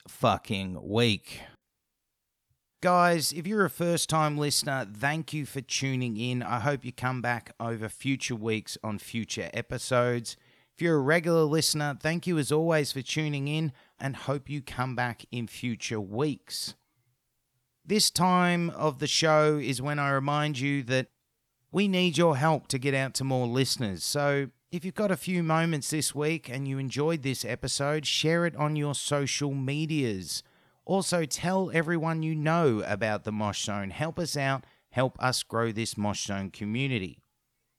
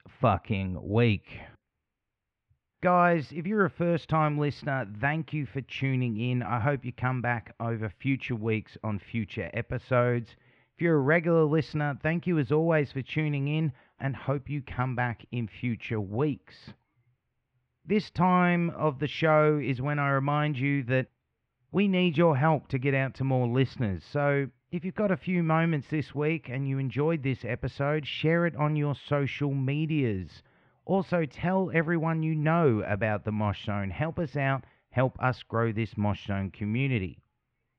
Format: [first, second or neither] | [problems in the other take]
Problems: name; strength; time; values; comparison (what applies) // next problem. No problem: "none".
first | muffled; very; fading above 2.5 kHz